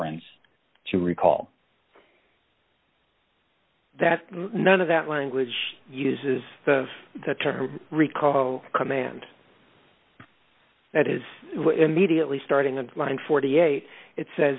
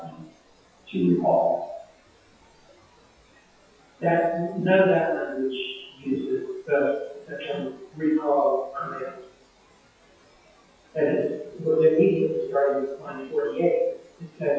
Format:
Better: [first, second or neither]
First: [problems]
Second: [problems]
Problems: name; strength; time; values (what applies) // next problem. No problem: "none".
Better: first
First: none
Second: noise reduction (classical method WPE with log-MMSE)